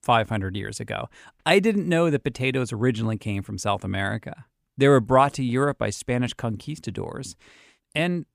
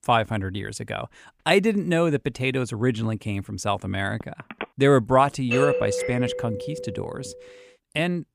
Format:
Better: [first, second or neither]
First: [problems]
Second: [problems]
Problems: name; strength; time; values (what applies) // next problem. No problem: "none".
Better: first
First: none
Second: phone ringing; faint; at 4 s; peak 10 dB below the speech // doorbell; loud; from 5.5 to 7 s; peak 1 dB above the speech